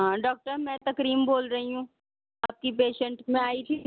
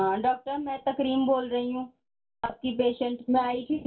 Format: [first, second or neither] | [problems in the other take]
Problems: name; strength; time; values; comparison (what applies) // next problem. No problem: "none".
first | room echo; dies away in 0.2 s